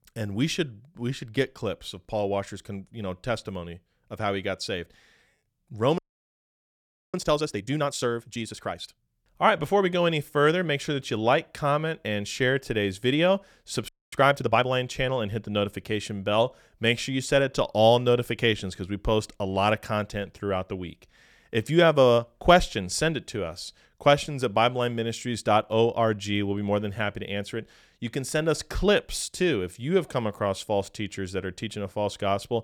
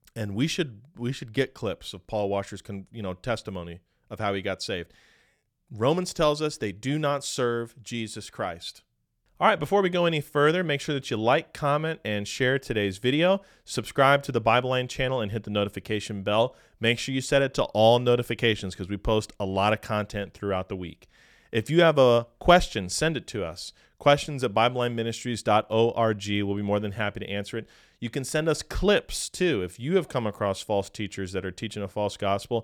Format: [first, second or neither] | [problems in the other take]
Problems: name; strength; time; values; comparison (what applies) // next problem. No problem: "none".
second | audio freezing; at 6 s for 1 s and at 14 s